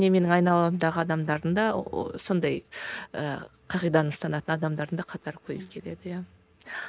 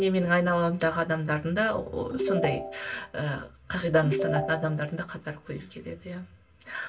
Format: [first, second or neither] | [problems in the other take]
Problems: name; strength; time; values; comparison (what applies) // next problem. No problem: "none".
first | background sound (Ringtone / Chime); 4 dB below the speech // room echo; dies away in 0.2 s